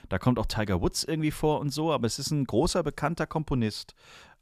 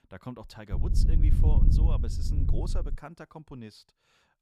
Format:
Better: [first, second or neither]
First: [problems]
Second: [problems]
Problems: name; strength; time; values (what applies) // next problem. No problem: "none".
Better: first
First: none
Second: wind noise on the microphone; heavy; from 0.5 to 3 s; as loud as the speech